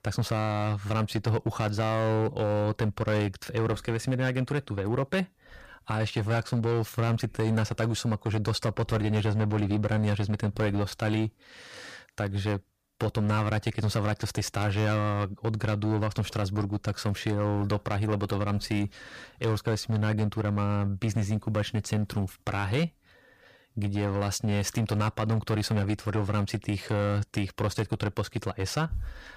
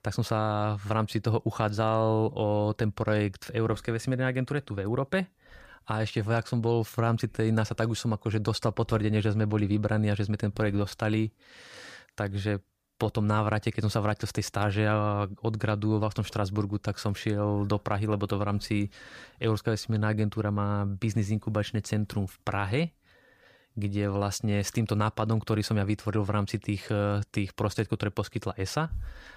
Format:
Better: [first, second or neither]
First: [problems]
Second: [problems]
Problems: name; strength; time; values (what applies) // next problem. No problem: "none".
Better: second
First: distortion; slight; 8% of the sound clipped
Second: none